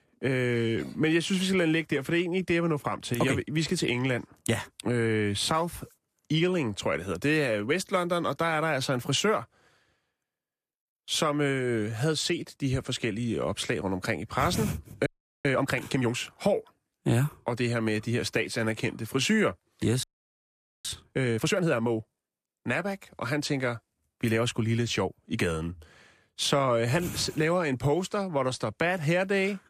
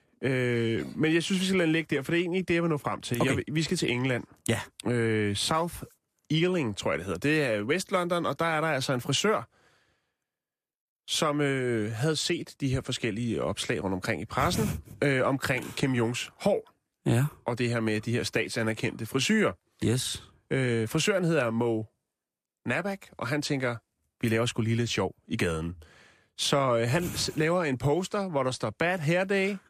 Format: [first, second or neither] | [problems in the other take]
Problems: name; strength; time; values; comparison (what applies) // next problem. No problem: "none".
second | audio freezing; at 15 s and at 20 s for 1 s